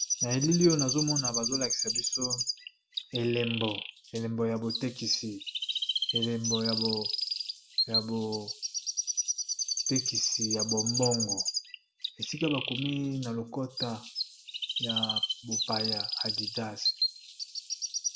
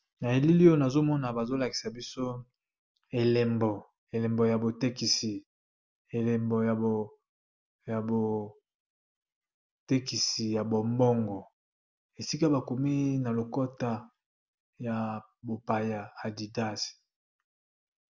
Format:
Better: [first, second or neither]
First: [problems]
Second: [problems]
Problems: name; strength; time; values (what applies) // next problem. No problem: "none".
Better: second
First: background sound (Chirp, tweet); as loud as the speech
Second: none